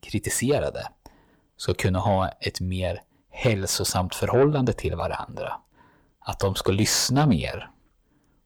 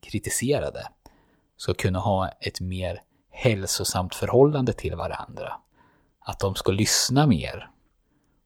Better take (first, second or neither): second